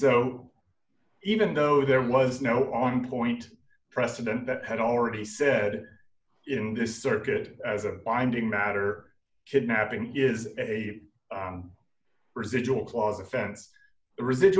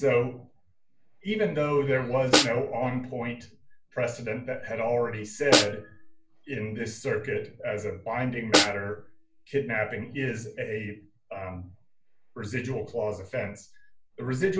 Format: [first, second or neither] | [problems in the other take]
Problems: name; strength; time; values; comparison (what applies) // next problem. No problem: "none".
first | background sound (Snare drum); 1 dB above the speech // room echo; dies away in 0.2 s